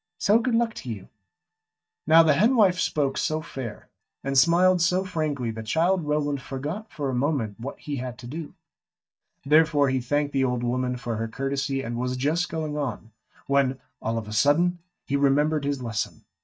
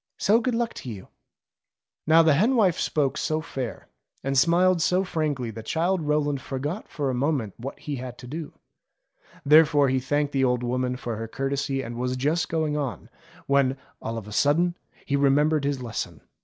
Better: second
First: noise reduction (neural mask model DeepFilterNet 3)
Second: none

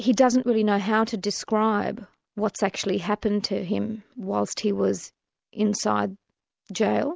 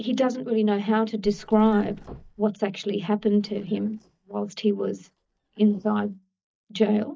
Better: first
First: none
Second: noise reduction (neural mask model DeepFilterNet 3)

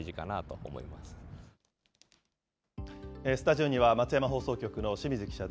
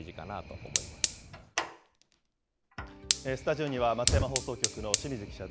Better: first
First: none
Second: background sound (Fire); 1 dB above the speech

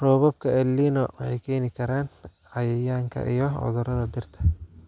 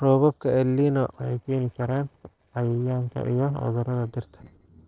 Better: first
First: none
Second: noise reduction (neural separator model SepFormer DNS4)

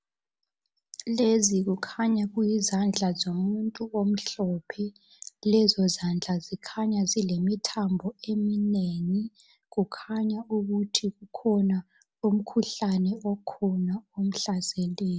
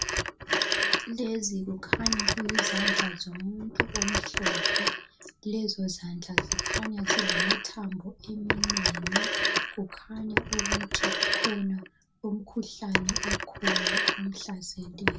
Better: first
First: none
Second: background sound (Telephone); 5 dB above the speech // room echo; dies away in 0.1 s

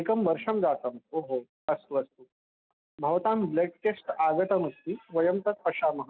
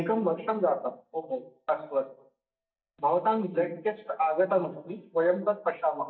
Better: first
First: none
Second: noise reduction (neural mask model DeepFilterNet 3)

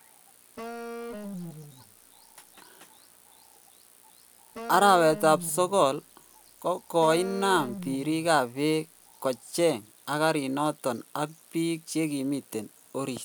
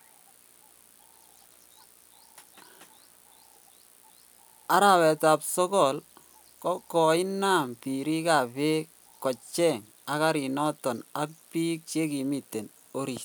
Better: second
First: background sound (Wind instrument, woodwind instrument); 12 dB below the speech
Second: none

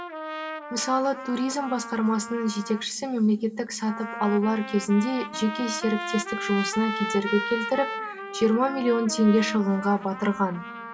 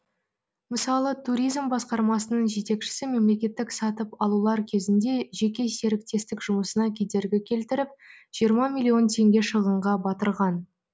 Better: second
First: background sound (Trumpet); 9 dB below the speech // room echo; dies away in 0.1 s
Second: none

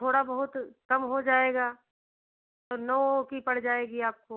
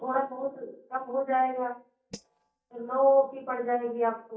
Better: first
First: none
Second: noise reduction (neural mask model DeepFilterNet 3)

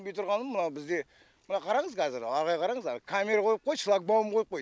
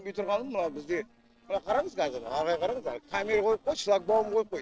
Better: first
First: none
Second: noise reduction (neural separator model SepFormer DNS4)

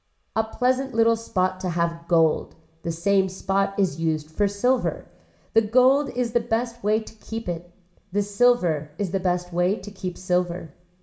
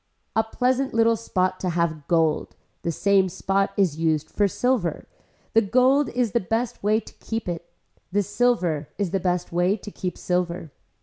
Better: second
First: room echo; dies away in 0.6 s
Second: none

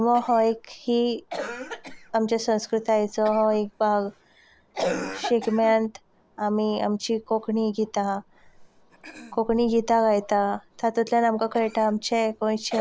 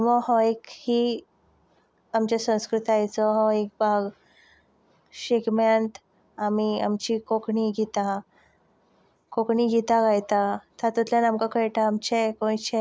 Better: second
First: background sound (Cough); 14 dB below the speech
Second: none

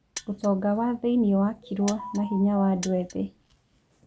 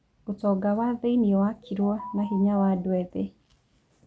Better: second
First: background sound (Mechanisms); 17 dB below the speech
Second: none

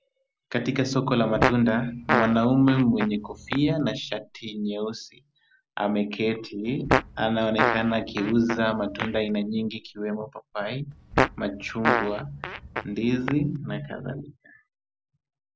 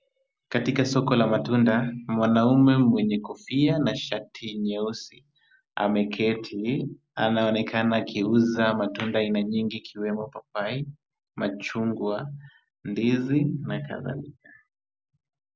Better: second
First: background sound (Fart); 4 dB below the speech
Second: none

